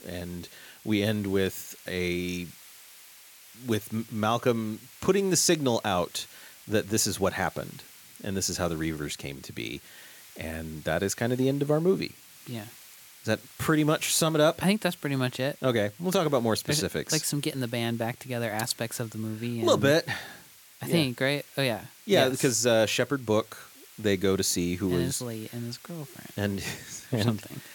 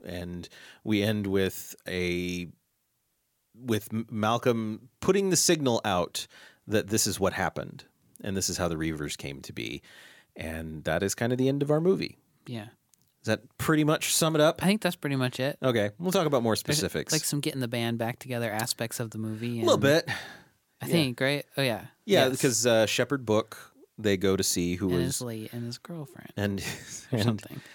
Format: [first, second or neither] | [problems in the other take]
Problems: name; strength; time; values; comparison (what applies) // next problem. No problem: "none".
second | hiss; faint; throughout; 20 dB below the speech